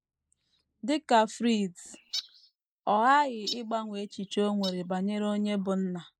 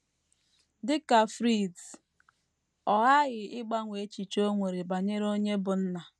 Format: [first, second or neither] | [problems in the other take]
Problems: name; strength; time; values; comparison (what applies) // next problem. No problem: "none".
second | noise reduction (neural mask model Resemble Enhance denoiser)